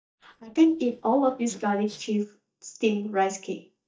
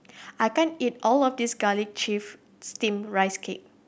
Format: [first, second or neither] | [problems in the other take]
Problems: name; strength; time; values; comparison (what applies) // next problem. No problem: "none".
second | noise reduction (neural mask model DeepFilterNet 3)